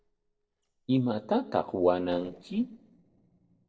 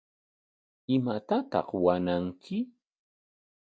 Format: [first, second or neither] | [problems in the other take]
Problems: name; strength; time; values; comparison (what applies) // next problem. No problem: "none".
second | noise reduction (neural separator model SepFormer DNS4)